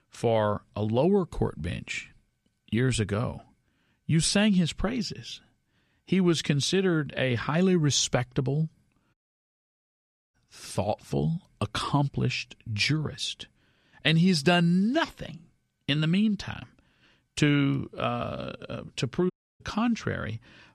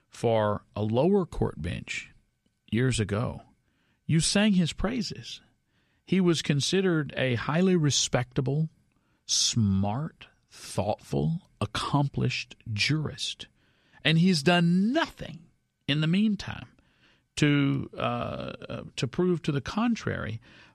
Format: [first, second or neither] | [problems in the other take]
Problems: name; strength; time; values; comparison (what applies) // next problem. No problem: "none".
second | audio cutting out; at 9 s for 1 s and at 19 s